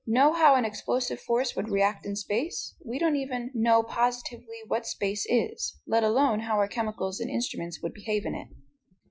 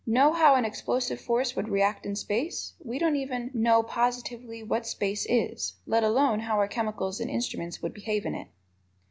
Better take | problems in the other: second | noise reduction (classical method Wiener filter)

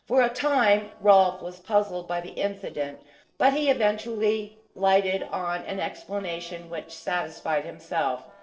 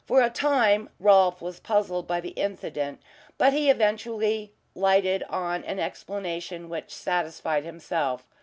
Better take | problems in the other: second | noise reduction (neural separator model SepFormer DNS4)

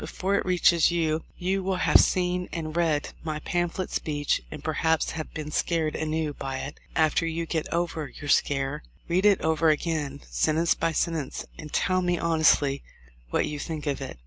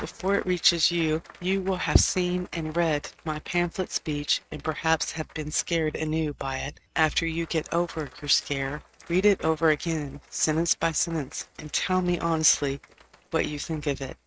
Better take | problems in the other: first | noise reduction (neural mask model RNNoise)

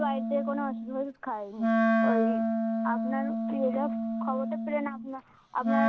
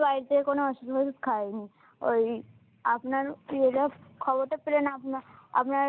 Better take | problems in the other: second | background sound (Wind instrument, woodwind instrument); 5 dB above the speech

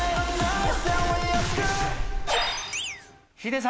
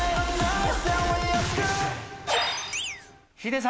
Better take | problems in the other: second | background sound (Meow); 4 dB below the speech

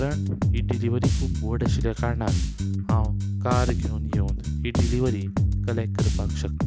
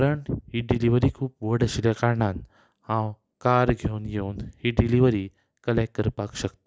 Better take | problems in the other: second | background sound (Bass guitar); 5 dB above the speech

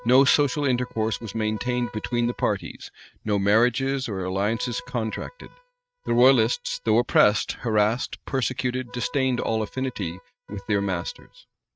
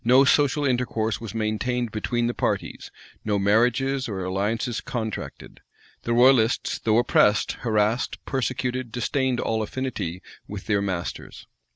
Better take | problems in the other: second | noise reduction (neural mask model RNNoise)

